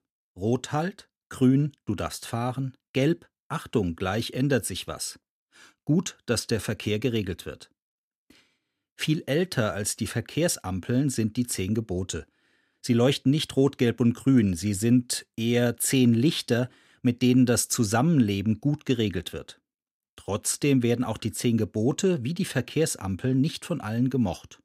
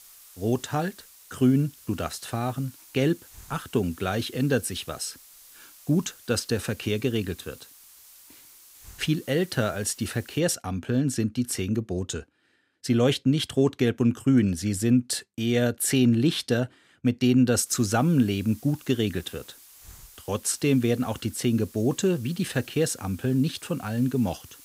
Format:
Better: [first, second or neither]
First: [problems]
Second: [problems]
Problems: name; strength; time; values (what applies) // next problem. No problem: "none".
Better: first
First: none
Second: hiss; faint; until 10 s and from 18 s on; 20 dB below the speech